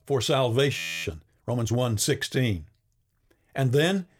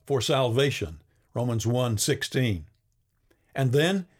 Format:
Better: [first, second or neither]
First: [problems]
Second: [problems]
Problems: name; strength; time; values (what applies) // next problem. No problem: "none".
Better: second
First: audio freezing; at 1 s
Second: none